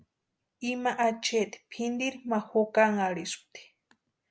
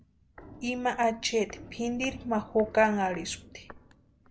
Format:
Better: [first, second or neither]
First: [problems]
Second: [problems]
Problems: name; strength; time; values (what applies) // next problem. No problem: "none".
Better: first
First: none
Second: background sound (Walk, footsteps); 18 dB below the speech